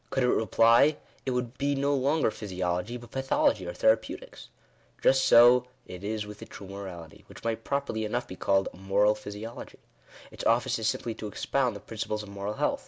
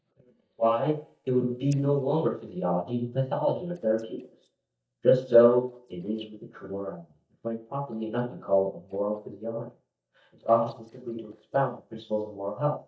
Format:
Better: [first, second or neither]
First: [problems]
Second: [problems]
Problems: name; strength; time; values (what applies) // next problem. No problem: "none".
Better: first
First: none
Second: noise reduction (neural mask model DeepFilterNet 3)